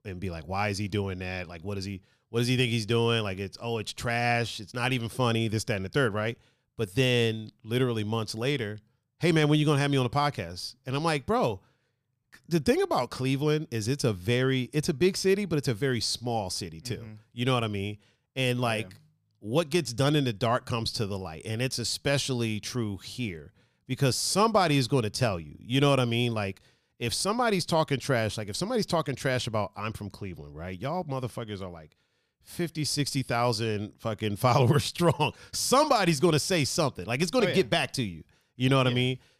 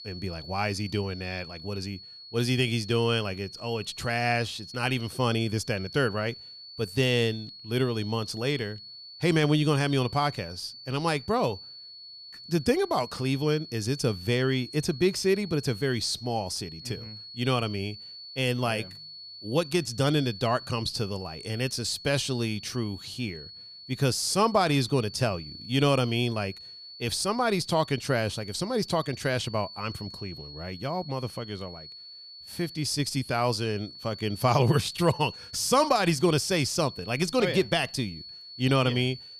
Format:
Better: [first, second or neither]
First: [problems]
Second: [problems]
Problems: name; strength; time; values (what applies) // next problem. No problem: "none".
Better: first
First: none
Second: high-pitched whine; noticeable; throughout; 4.5 kHz, 15 dB below the speech